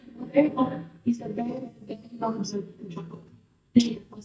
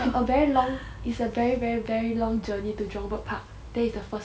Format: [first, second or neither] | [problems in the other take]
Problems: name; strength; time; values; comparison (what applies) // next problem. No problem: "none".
second | noise reduction (neural mask model DeepFilterNet 3)